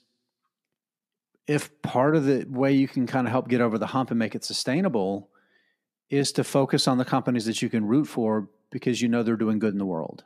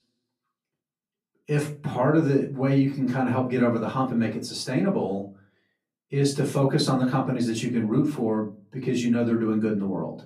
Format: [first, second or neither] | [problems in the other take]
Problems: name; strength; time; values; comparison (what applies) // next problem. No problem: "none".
first | off-mic speech; far // room echo; very slight; dies away in 0.3 s